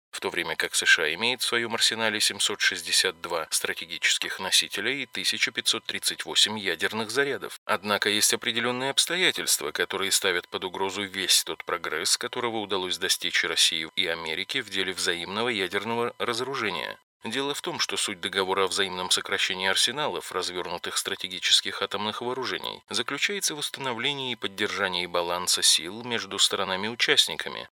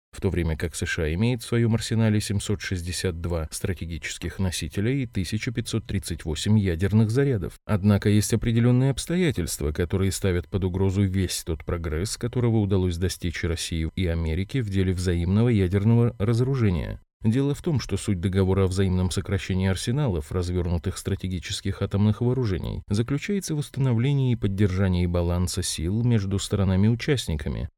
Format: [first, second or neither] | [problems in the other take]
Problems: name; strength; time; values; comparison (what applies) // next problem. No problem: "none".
second | thin; very; fading below 700 Hz